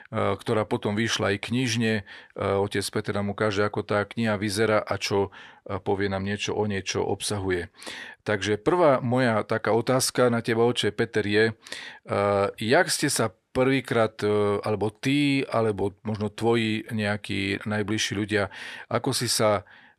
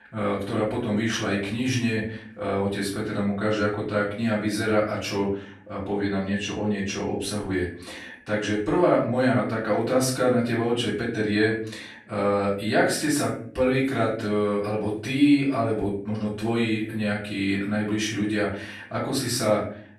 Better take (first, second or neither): first